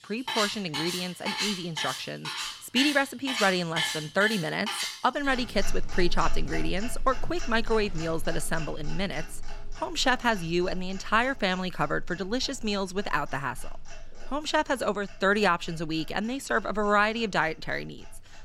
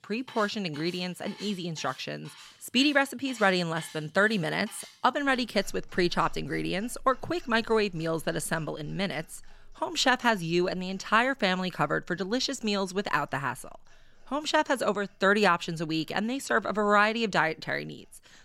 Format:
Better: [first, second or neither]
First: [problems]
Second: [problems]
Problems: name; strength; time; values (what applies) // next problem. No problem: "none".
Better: second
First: household noises; loud; throughout; 6 dB below the speech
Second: household noises; faint; throughout; 20 dB below the speech